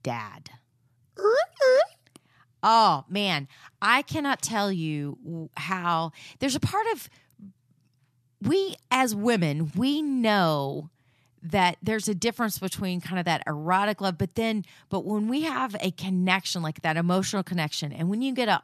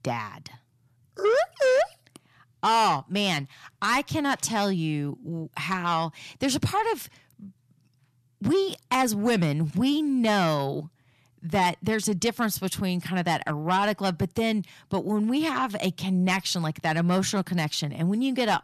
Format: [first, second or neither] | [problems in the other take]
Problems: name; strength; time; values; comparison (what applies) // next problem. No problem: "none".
first | distortion; slight; 10 dB below the speech